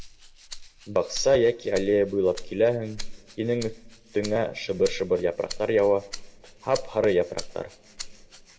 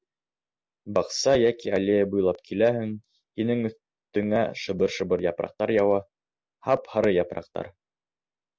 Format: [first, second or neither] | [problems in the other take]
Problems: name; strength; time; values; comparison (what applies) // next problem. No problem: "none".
second | background sound (Rattle (instrument)); 13 dB below the speech // room echo; dies away in 1.1 s